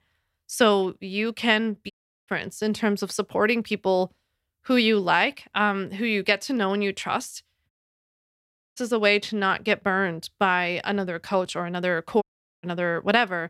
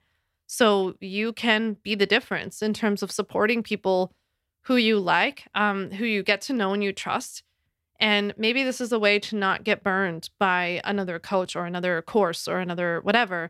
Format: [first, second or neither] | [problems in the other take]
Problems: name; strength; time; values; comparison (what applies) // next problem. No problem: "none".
second | audio cutting out; at 2 s, at 7.5 s for 1 s and at 12 s